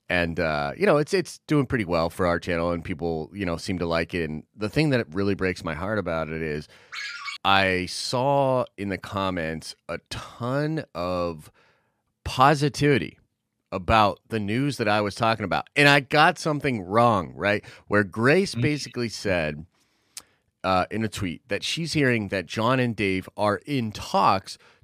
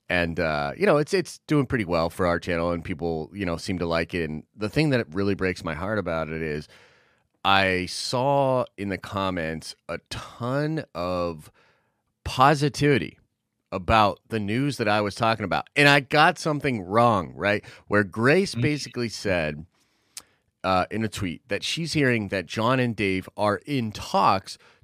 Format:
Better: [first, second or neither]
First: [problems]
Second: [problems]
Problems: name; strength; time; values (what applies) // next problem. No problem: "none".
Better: second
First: phone ringing; noticeable; at 7 s; peak 8 dB below the speech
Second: none